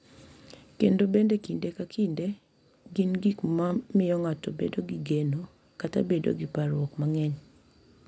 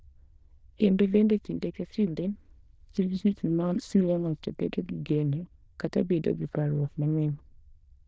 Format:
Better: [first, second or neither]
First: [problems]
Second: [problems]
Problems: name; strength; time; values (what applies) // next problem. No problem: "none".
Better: first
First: none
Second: noise reduction (neural diffusion model UNIVERSE++)